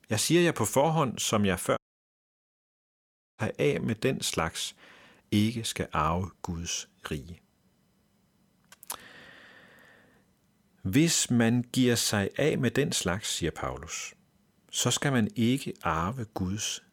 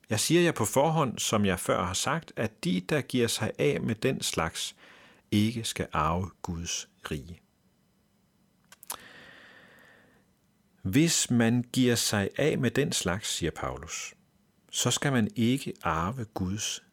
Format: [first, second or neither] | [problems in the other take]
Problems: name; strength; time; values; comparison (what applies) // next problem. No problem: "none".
second | audio cutting out; at 2 s for 1.5 s